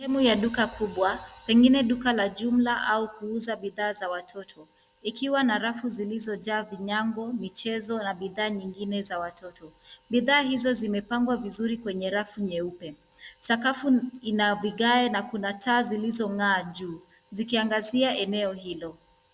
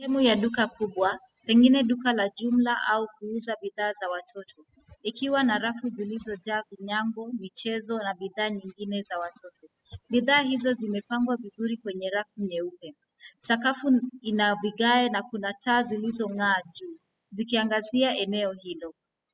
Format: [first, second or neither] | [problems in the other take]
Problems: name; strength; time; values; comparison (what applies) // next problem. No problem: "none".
first | noise reduction (classical method spectral subtraction)